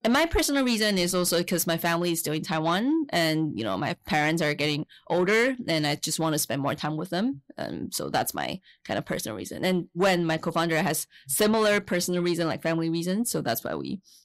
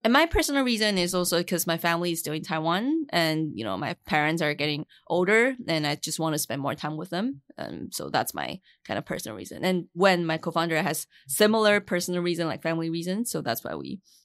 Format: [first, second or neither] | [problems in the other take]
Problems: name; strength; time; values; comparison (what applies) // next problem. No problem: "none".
second | distortion; slight; 10 dB below the speech